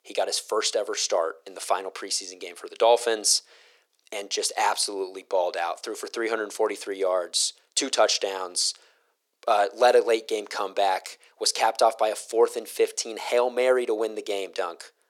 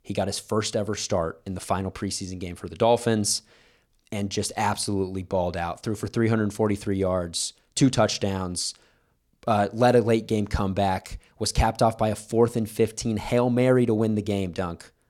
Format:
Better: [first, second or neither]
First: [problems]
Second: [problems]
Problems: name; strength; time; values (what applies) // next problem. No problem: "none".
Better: second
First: thin; very; fading below 400 Hz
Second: none